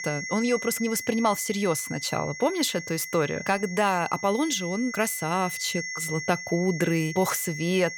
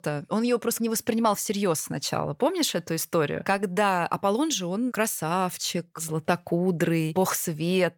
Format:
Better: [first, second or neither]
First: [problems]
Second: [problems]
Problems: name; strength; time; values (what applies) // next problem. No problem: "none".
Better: second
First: high-pitched whine; loud; throughout; 2 kHz, 8 dB below the speech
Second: none